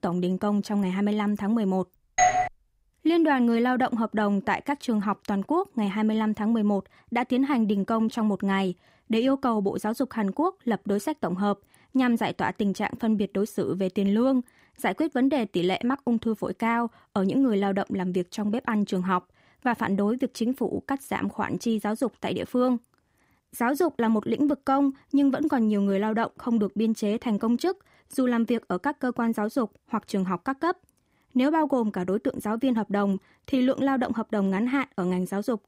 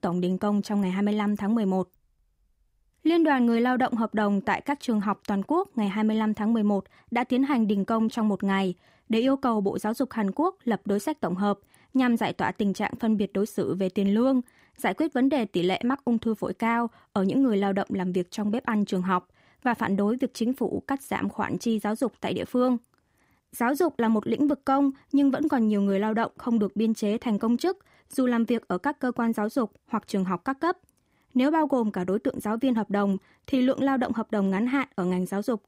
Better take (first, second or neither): second